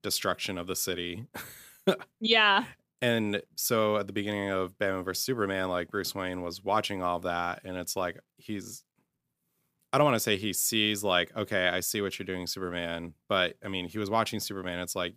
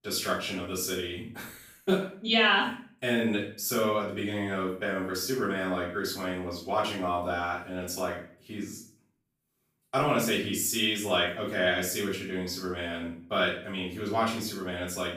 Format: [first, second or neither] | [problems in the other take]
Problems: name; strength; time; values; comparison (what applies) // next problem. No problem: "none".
first | room echo; noticeable; dies away in 0.4 s // off-mic speech; far